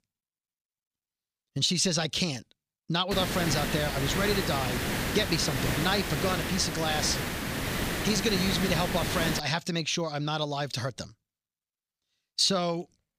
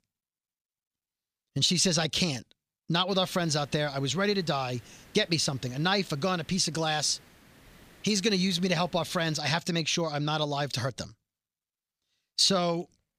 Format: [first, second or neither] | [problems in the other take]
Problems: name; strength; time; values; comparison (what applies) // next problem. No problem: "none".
second | hiss; loud; from 3 to 9.5 s; 2 dB below the speech; faint in the second